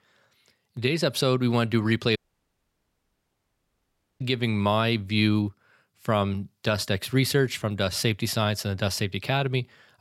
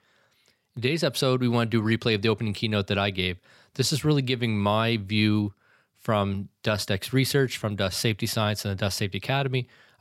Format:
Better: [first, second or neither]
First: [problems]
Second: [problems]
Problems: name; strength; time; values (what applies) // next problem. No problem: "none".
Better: second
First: audio cutting out; at 2 s for 2 s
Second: none